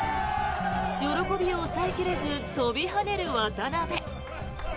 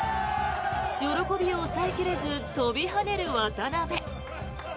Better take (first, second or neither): second